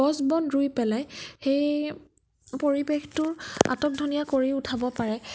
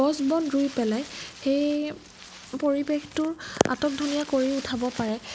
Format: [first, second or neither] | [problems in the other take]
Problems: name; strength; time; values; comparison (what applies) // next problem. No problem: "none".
first | background sound (Wind); 18 dB below the speech